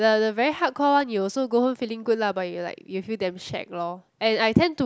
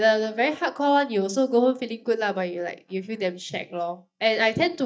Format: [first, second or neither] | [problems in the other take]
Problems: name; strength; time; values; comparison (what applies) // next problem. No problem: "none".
first | noise reduction (neural mask model DeepFilterNet 3)